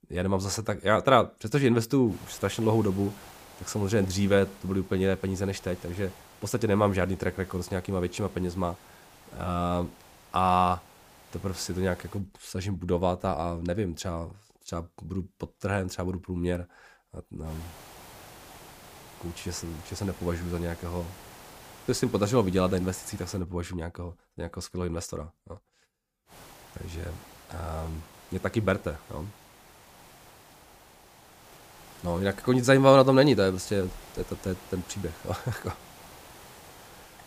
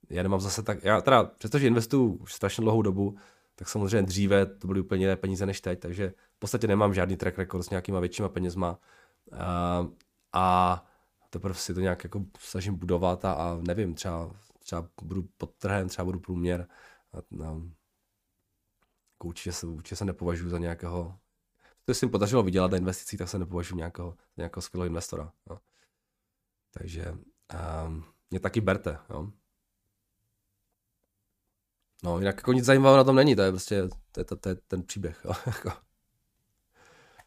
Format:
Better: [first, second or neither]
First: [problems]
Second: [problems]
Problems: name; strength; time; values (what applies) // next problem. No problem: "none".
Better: second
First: hiss; faint; from 2 to 12 s, from 17 to 23 s and from 26 s on; 20 dB below the speech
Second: none